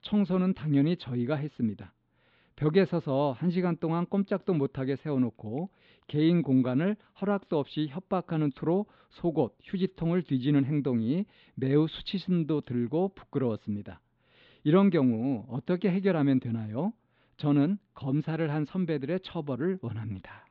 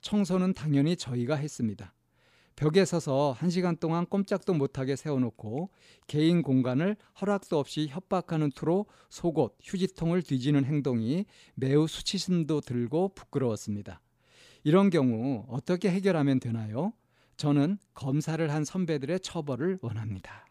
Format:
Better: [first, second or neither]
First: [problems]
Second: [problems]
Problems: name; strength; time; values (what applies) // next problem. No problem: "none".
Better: second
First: muffled; slightly; fading above 3.5 kHz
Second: none